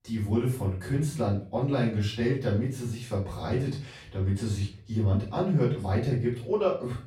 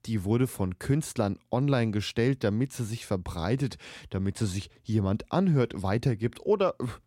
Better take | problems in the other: second | room echo; slight; dies away in 0.4 s // off-mic speech; far

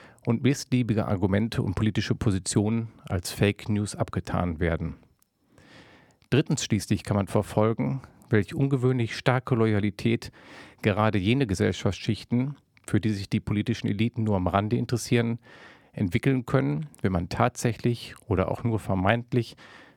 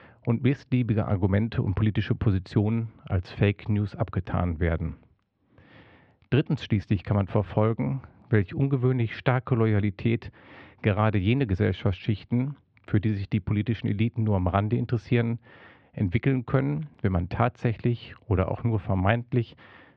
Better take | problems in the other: first | muffled; very; fading above 3.5 kHz

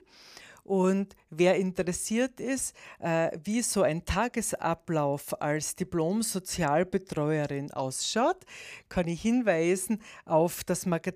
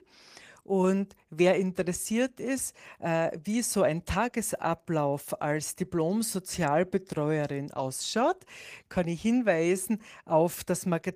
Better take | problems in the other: first | garbled, watery; slightly; nothing above 15 kHz

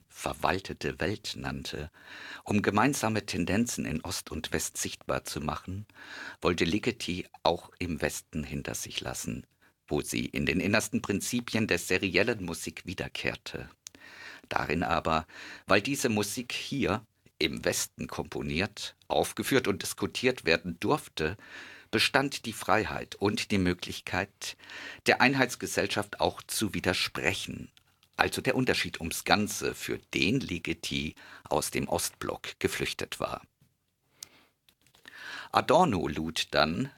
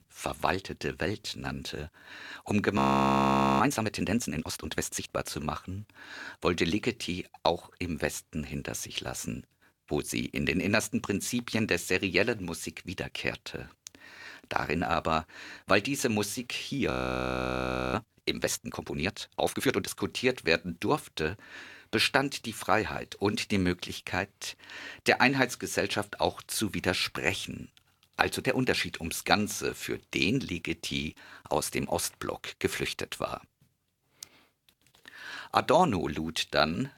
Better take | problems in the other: first | audio freezing; at 3 s for 1 s and at 17 s for 1 s

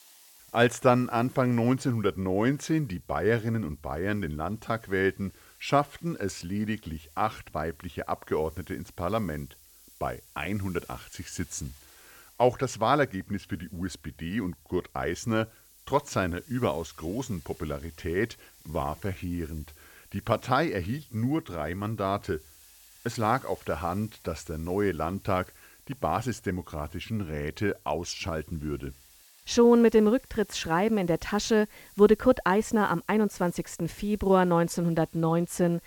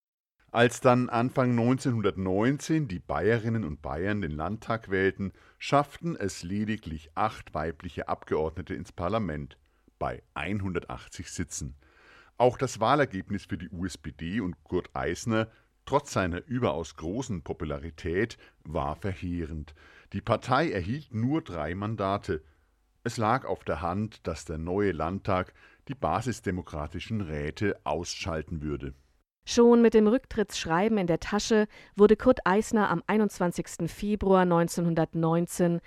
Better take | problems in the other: second | hiss; faint; throughout; 25 dB below the speech

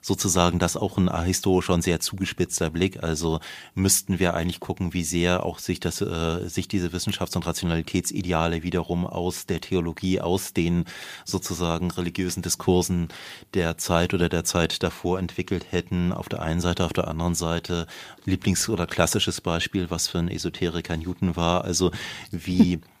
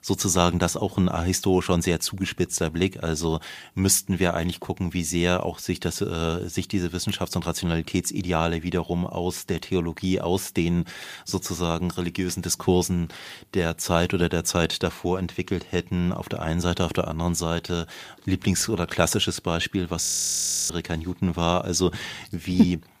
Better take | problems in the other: first | audio freezing; at 20 s for 0.5 s

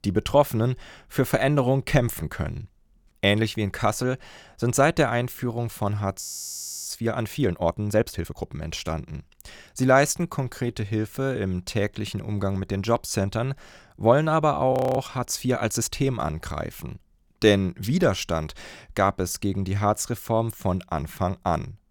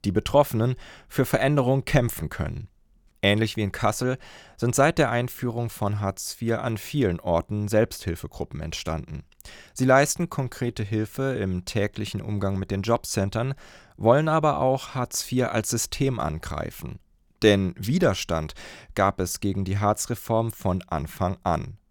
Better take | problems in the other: second | audio freezing; at 6 s for 0.5 s and at 15 s

